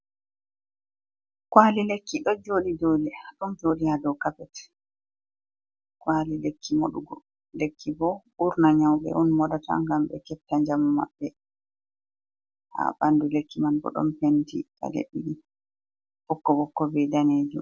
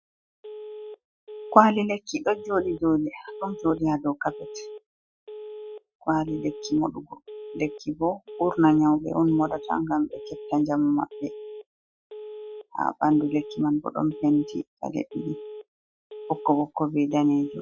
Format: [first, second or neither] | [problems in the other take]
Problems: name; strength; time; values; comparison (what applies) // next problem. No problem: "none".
first | noise reduction (classical method Wiener filter)